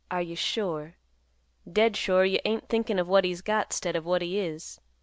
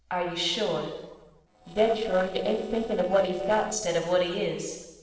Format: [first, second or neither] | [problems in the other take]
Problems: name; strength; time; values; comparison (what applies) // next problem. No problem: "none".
first | noise reduction (neural separator model SepFormer DNS4)